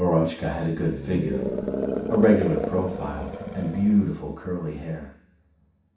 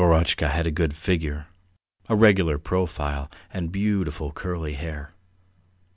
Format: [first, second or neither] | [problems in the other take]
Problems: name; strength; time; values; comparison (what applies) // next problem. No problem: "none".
second | background sound (Animal); 5 dB below the speech // room echo; dies away in 0.7 s